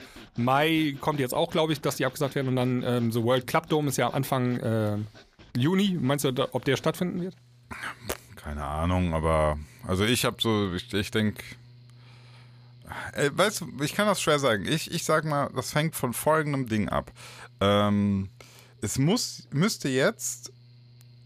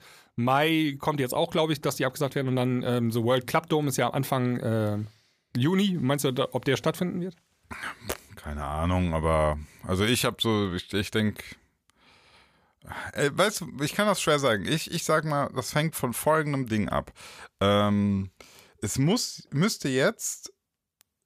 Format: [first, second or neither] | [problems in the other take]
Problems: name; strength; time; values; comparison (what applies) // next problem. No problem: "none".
second | machinery noise; faint; throughout; 25 dB below the speech